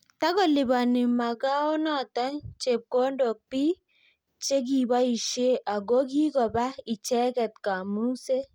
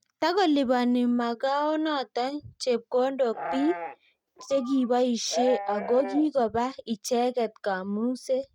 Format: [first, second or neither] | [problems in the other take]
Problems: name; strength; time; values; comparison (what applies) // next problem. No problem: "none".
first | noise reduction (neural mask model RNNoise)